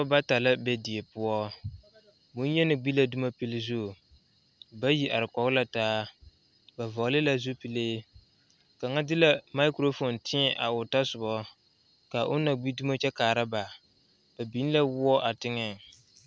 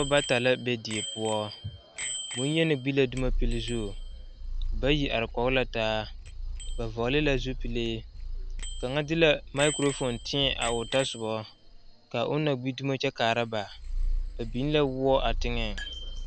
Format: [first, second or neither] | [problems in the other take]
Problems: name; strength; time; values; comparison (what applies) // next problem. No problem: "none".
first | background sound (Bicycle bell + Purr); 5 dB below the speech